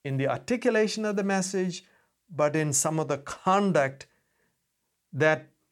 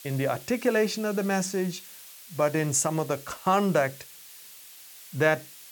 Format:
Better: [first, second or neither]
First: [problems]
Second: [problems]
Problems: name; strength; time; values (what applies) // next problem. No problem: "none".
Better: first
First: none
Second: hiss; noticeable; throughout; 15 dB below the speech